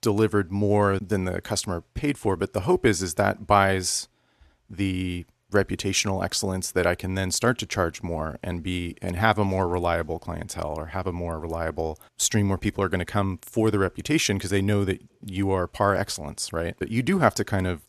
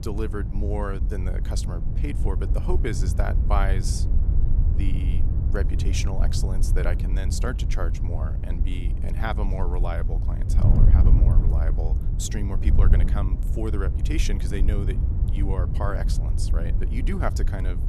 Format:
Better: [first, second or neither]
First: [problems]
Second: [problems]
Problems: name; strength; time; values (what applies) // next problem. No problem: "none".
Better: first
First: none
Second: wind noise on the microphone; heavy; 6 dB below the speech